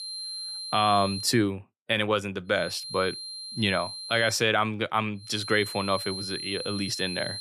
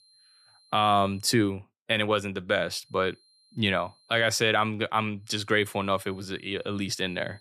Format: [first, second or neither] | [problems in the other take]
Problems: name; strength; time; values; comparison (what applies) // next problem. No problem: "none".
second | high-pitched whine; loud; until 1.5 s, from 2.5 to 4.5 s and from 5.5 s on; 4 kHz, 8 dB below the speech; faint in the second